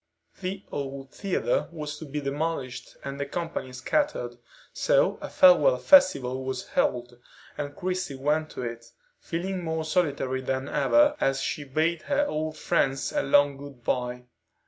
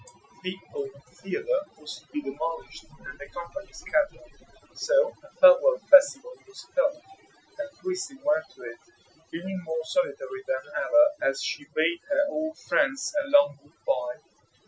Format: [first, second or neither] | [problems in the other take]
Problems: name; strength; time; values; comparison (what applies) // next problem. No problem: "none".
first | noise reduction (classical method Wiener filter)